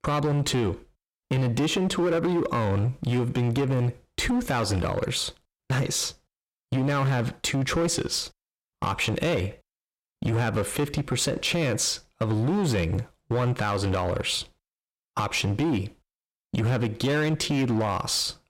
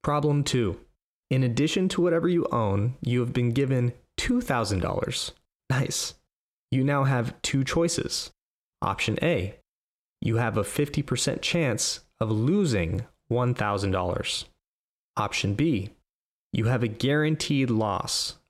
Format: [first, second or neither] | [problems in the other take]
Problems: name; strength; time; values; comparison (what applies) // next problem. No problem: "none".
second | distortion; slight; 15% of the sound clipped